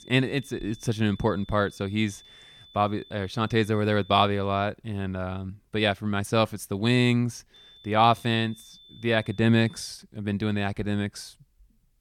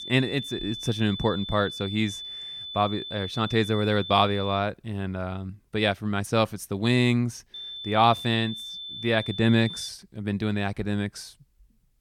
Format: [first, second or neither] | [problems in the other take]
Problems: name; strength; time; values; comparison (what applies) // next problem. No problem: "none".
first | high-pitched whine; loud; until 4.5 s and from 7.5 to 10 s; 3.5 kHz, 9 dB below the speech; faint in the first